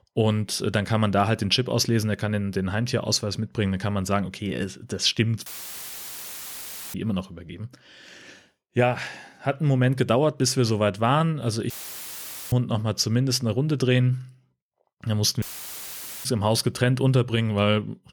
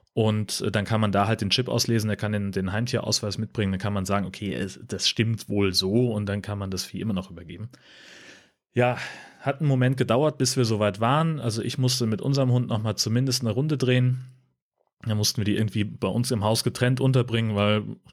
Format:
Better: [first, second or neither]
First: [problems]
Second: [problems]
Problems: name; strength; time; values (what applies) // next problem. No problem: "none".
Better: second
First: audio cutting out; filled with static; at 5.5 s for 1.5 s, at 12 s for 1 s and at 15 s for 1 s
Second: none